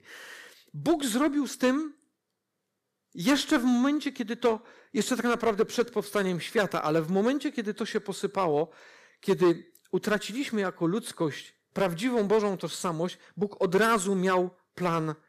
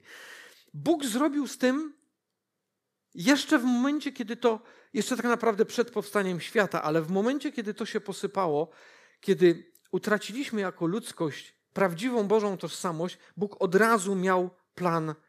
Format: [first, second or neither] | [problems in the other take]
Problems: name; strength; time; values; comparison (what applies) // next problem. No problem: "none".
second | distortion; slight; 3% of the sound clipped